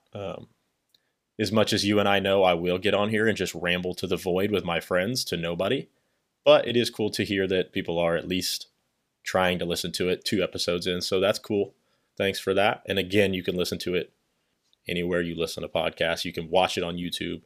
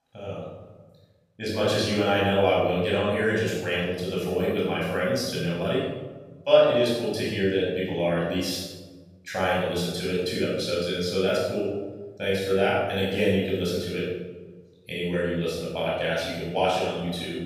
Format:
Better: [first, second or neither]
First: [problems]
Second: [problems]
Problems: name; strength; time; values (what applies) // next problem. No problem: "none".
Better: first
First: none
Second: off-mic speech; far // room echo; strong; dies away in 1.1 s